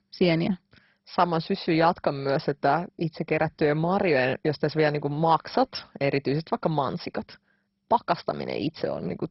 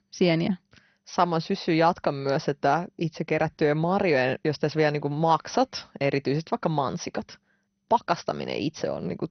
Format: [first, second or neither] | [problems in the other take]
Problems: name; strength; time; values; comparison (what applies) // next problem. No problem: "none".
second | garbled, watery; badly; nothing above 5.5 kHz; slightly in the second